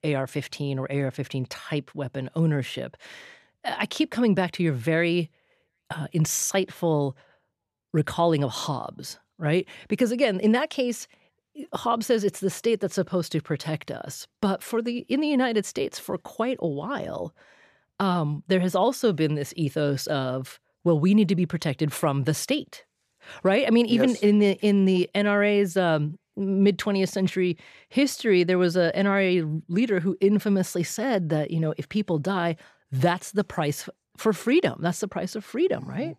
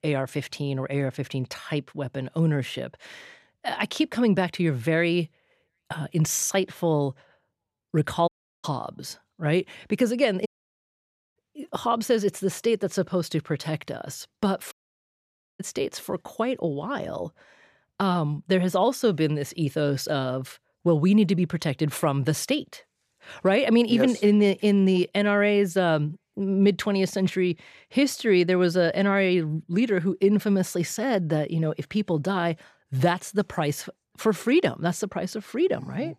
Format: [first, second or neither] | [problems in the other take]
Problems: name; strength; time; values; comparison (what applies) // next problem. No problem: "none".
first | audio cutting out; at 8.5 s, at 10 s for 1 s and at 15 s for 1 s